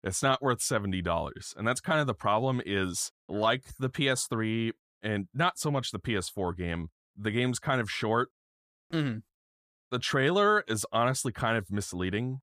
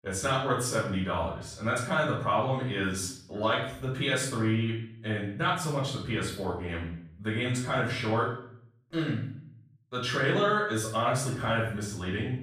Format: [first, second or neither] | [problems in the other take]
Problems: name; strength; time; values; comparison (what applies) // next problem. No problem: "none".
first | room echo; noticeable; dies away in 0.6 s // off-mic speech; far